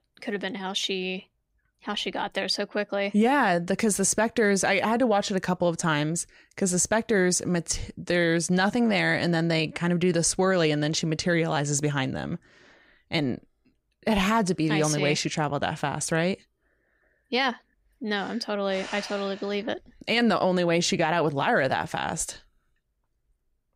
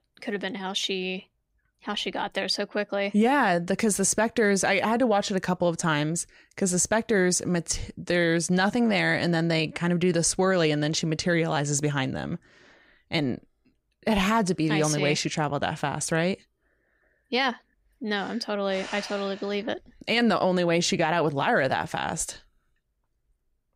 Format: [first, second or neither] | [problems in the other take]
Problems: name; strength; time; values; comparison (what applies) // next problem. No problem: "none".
neither | none